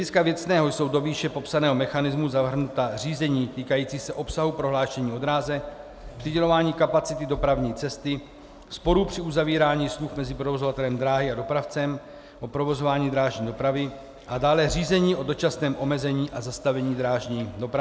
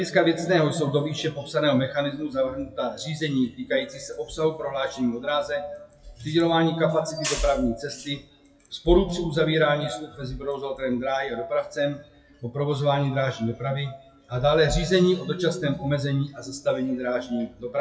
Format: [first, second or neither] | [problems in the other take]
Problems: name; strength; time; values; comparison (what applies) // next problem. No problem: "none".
first | noise reduction (classical method WPE with log-MMSE)